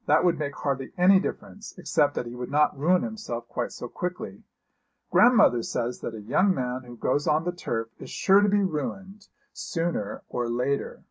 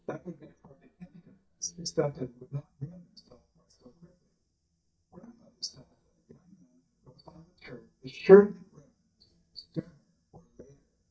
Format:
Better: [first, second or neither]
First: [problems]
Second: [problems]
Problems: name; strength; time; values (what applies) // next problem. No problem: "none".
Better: first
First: none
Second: noise reduction (neural mask model DeepFilterNet 3)